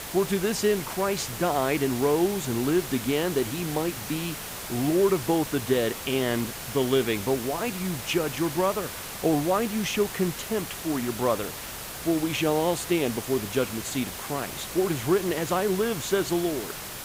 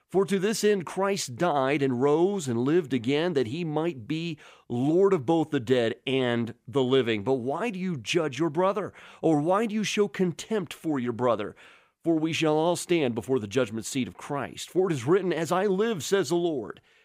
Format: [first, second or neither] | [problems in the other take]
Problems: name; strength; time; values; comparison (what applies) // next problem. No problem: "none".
second | hiss; loud; throughout; 8 dB below the speech